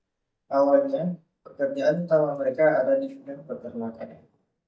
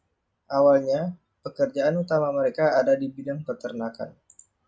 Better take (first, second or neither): second